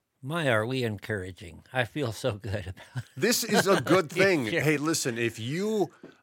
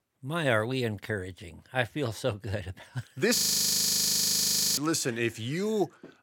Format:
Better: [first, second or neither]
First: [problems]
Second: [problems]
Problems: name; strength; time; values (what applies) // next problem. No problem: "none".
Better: first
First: none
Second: audio freezing; at 3.5 s for 1.5 s